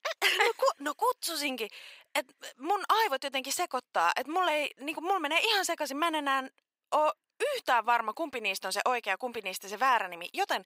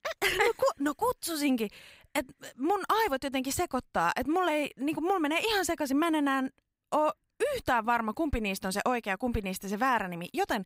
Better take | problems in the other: second | thin; somewhat; fading below 550 Hz

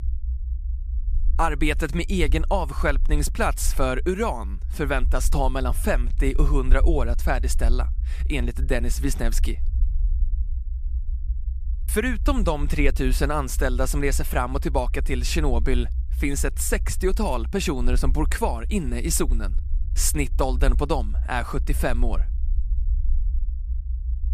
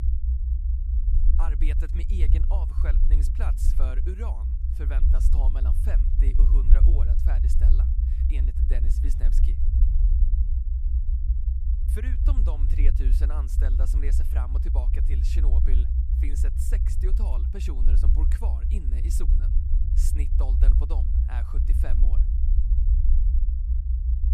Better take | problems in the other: first | low rumble; loud; throughout; 2 dB below the speech; faint in the first

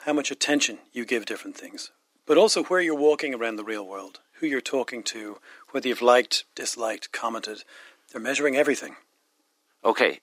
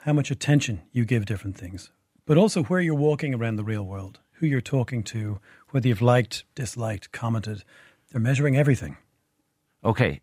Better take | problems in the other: second | thin; somewhat; fading below 300 Hz

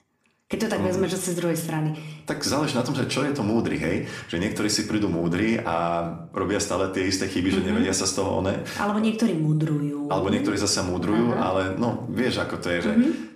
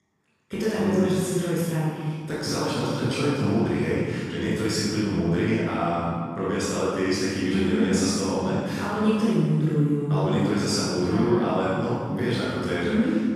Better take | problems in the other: first | room echo; strong; dies away in 1.6 s; slight in the first // off-mic speech; far

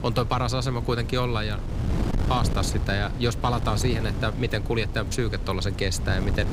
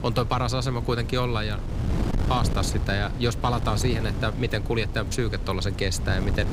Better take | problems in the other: neither | wind noise on the microphone; occasional gusts; 10 dB below the speech; the same in both

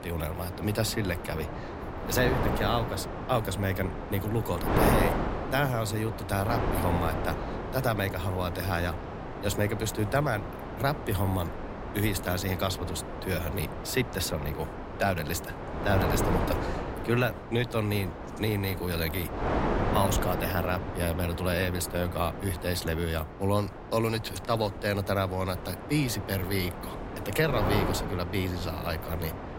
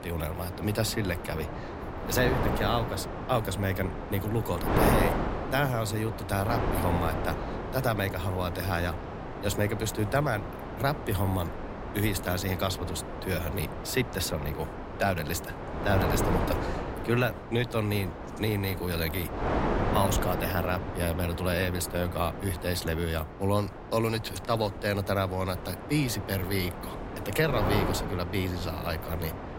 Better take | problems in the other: neither | wind noise on the microphone; heavy; 4 dB below the speech; the same in both

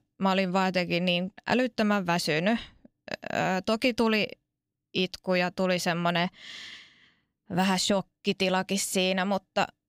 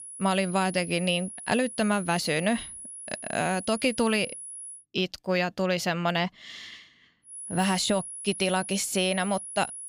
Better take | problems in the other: first | high-pitched whine; noticeable; until 5 s and from 7.5 s on; 10.5 kHz, 10 dB below the speech

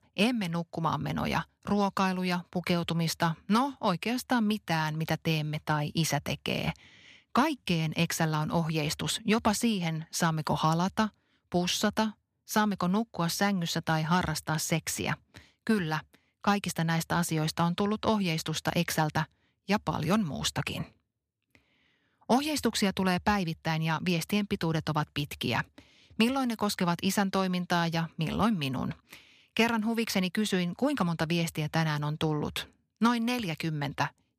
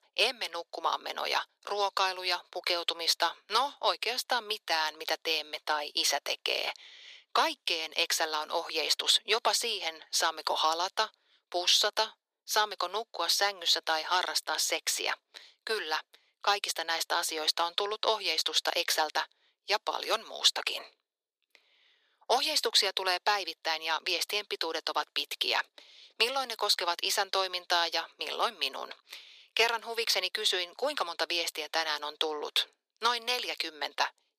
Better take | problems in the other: first | thin; very; fading below 400 Hz

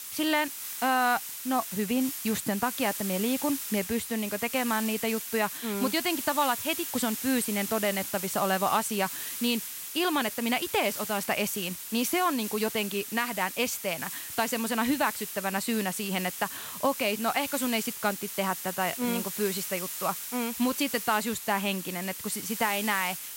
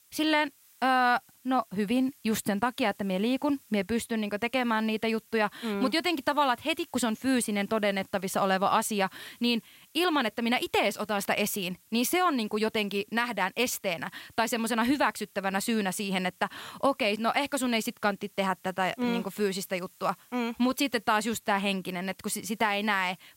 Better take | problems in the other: second | hiss; loud; throughout; 5 dB below the speech; faint in the second

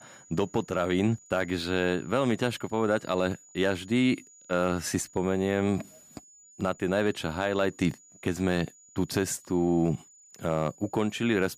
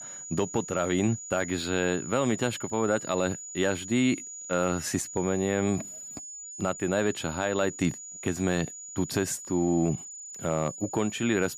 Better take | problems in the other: first | high-pitched whine; loud; throughout; 7 kHz, 10 dB below the speech; faint in the first

